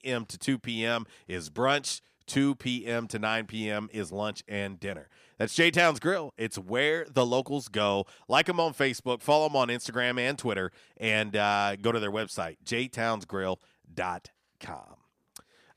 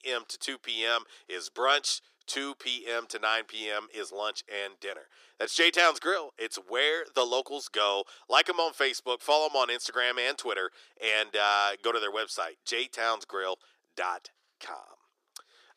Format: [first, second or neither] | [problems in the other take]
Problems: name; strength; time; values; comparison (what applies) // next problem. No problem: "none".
first | thin; very; fading below 350 Hz